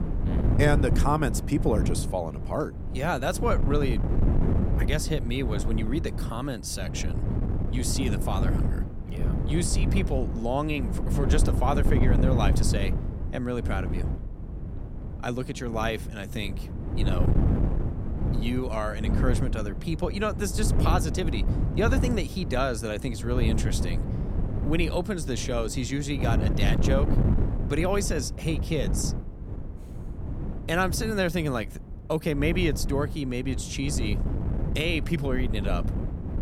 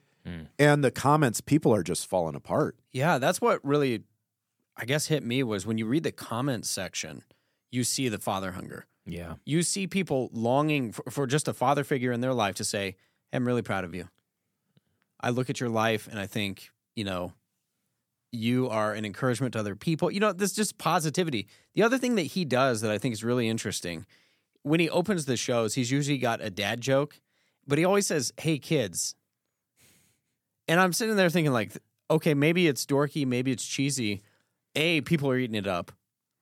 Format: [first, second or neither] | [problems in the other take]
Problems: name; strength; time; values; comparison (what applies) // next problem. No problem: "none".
second | wind noise on the microphone; heavy; 8 dB below the speech